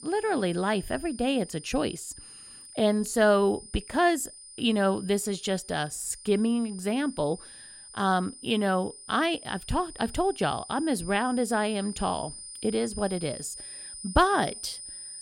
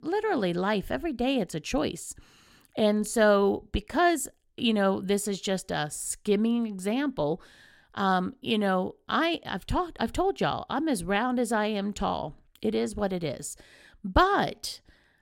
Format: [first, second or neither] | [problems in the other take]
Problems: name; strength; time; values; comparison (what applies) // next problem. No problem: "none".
second | high-pitched whine; noticeable; throughout; 9.5 kHz, 15 dB below the speech